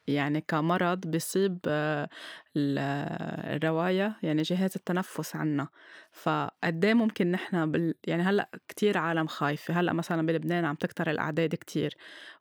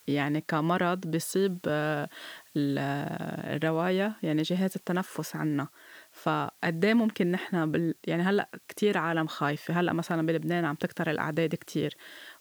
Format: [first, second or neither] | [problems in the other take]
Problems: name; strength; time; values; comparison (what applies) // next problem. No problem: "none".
first | hiss; faint; throughout; 25 dB below the speech